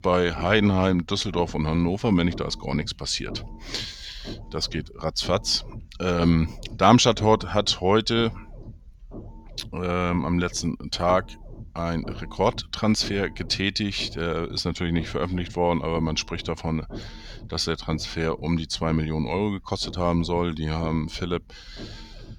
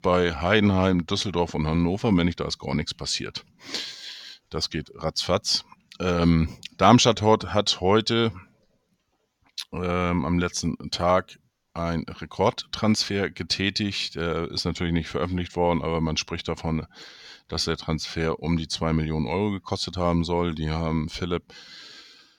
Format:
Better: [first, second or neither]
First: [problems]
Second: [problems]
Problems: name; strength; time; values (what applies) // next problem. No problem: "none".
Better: second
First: low rumble; faint; throughout; 20 dB below the speech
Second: none